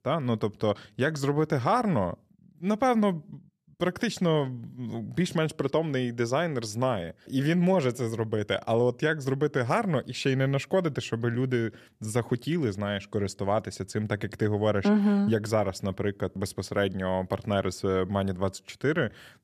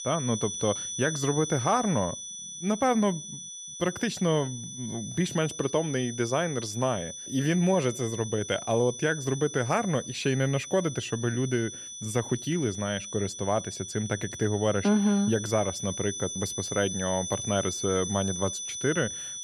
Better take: first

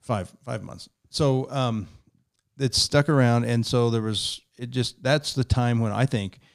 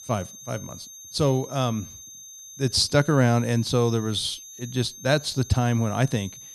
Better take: first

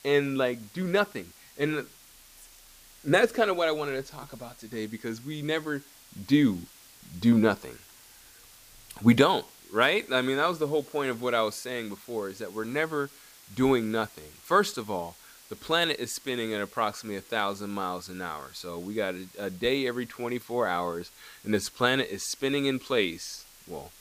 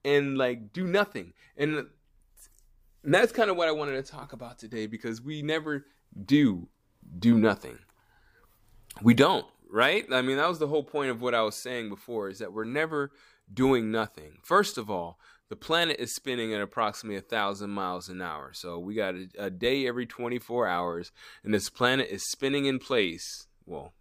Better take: second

